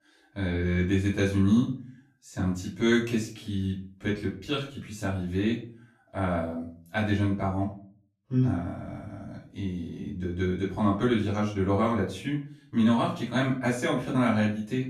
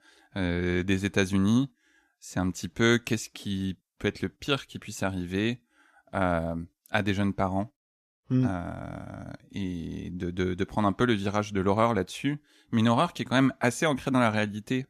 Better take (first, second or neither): second